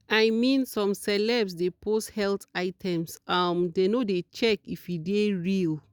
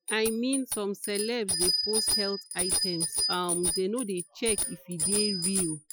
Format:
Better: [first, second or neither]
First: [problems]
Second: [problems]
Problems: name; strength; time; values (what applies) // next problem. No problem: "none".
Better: first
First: none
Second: noise reduction (classical method Wiener filter)